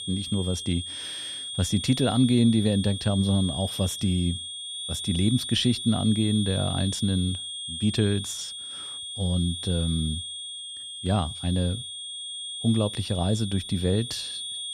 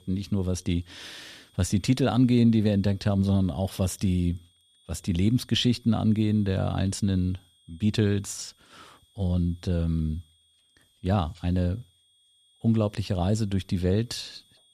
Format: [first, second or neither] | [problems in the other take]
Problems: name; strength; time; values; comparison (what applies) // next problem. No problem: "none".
second | high-pitched whine; loud; throughout; 3.5 kHz, 6 dB below the speech; faint in the second